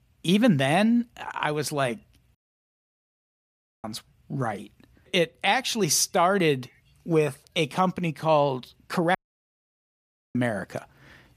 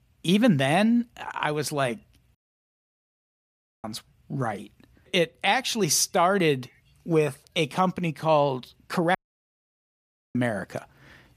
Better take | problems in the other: neither | audio cutting out; at 2.5 s for 1.5 s and at 9 s for 1 s; the same in both

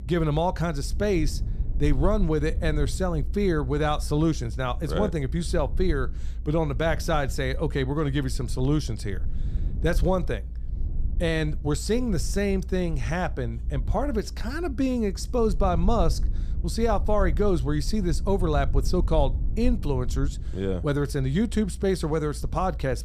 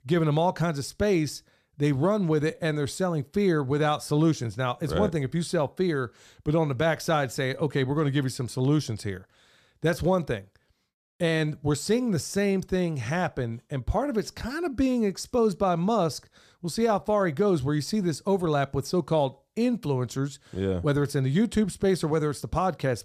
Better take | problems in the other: second | low rumble; faint; throughout; 20 dB below the speech

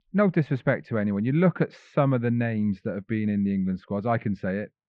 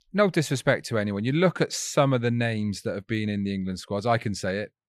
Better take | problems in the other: second | muffled; very; fading above 2.5 kHz

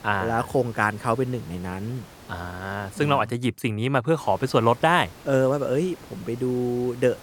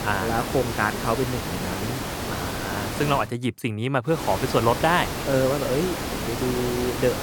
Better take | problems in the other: first | hiss; loud; until 3 s and from 4 s on; 4 dB below the speech; faint in the first

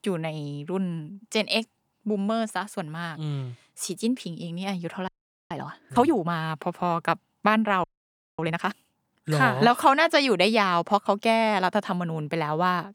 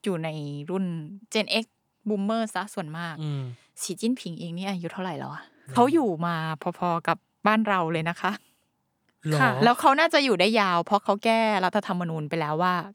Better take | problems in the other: second | audio freezing; at 5 s and at 8 s for 0.5 s

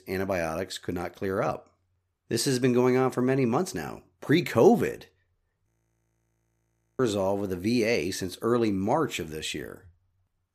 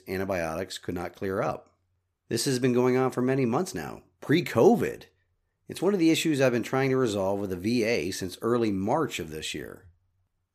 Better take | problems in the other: second | audio freezing; at 5.5 s for 1.5 s

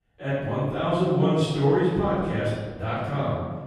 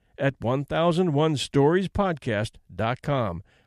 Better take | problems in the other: second | off-mic speech; far // room echo; strong; dies away in 1.5 s

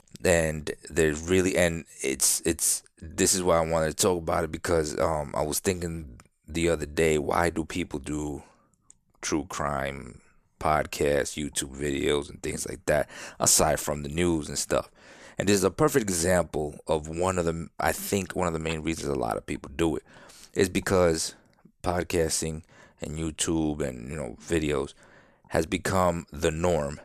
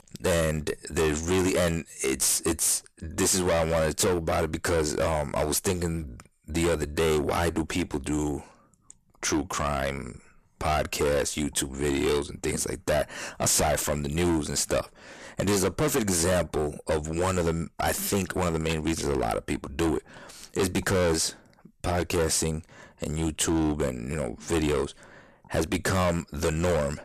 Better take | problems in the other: first | distortion; heavy; 13% of the sound clipped

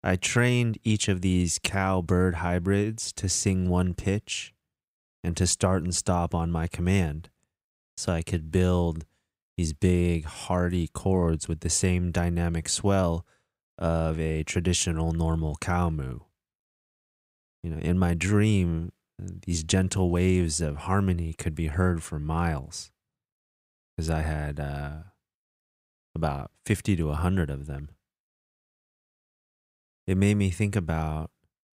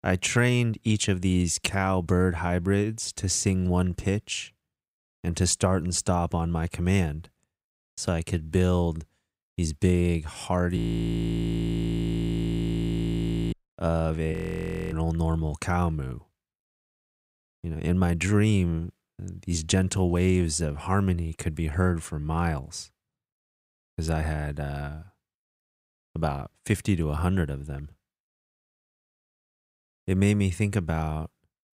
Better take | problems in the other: first | audio freezing; at 11 s for 3 s and at 14 s for 0.5 s

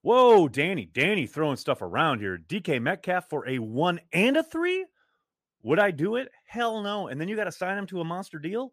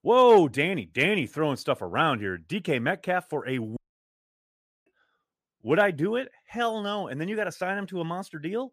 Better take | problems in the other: first | audio cutting out; at 4 s for 1 s

